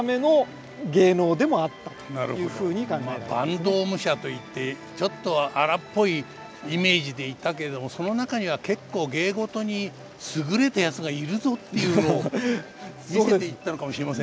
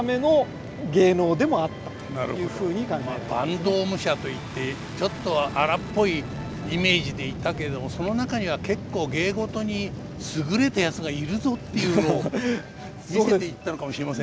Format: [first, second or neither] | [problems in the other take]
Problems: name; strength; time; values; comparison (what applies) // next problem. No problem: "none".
first | background sound (Fixed-wing aircraft, airplane); 11 dB below the speech